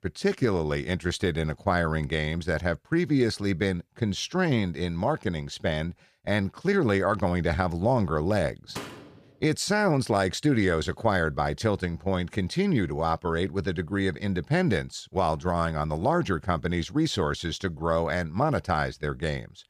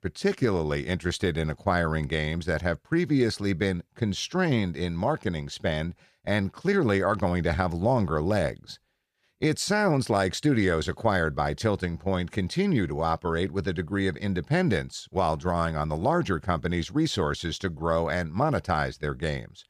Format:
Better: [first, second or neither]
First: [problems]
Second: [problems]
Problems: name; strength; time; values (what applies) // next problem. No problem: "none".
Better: second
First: door banging; faint; at 9 s; peak 10 dB below the speech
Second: none